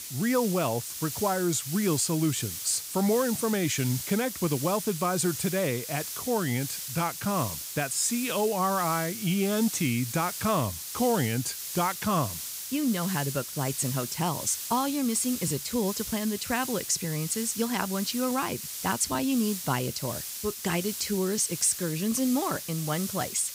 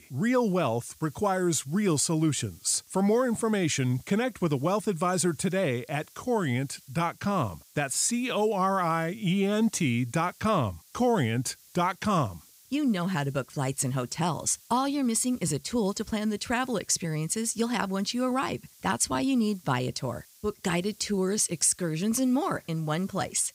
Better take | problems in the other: second | hiss; loud; throughout; 6 dB below the speech; faint in the second

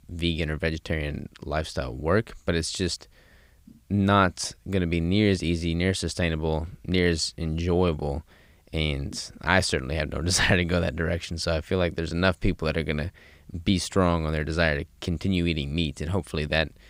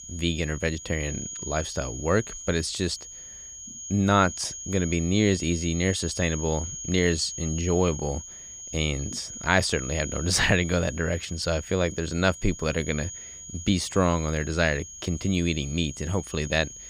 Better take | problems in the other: first | high-pitched whine; loud; throughout; 6.5 kHz, 10 dB below the speech

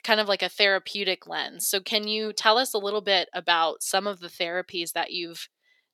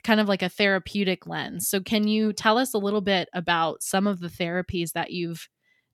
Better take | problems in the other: second | thin; somewhat; fading below 500 Hz

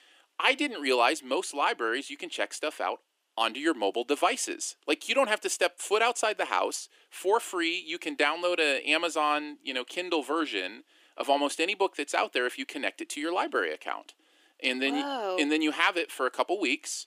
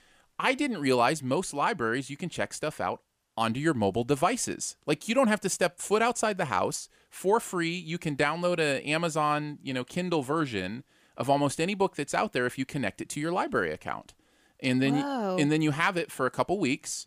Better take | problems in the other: second | thin; somewhat; fading below 300 Hz

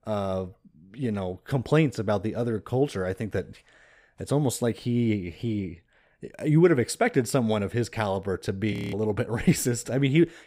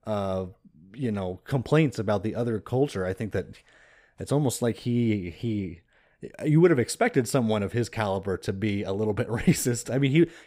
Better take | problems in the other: second | audio freezing; at 8.5 s

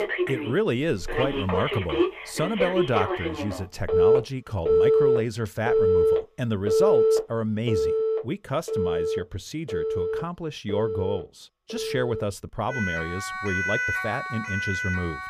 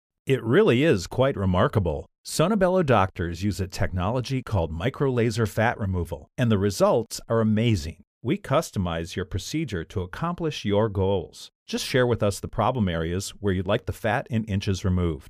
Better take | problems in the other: second | alarms or sirens; very loud; throughout; 4 dB above the speech

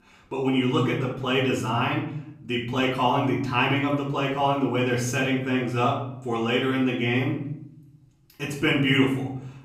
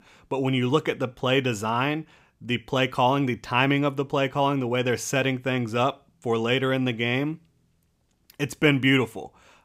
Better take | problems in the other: second | off-mic speech; far // room echo; noticeable; dies away in 0.7 s

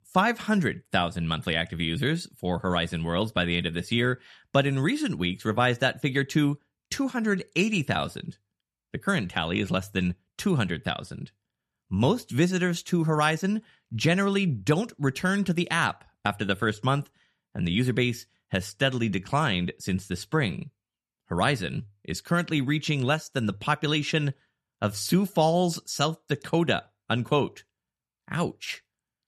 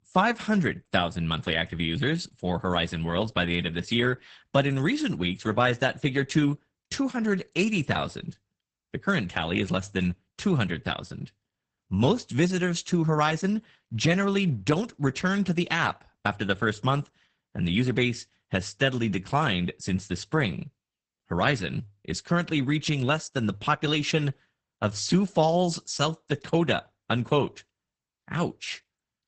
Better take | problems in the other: first | garbled, watery; badly; nothing above 8 kHz

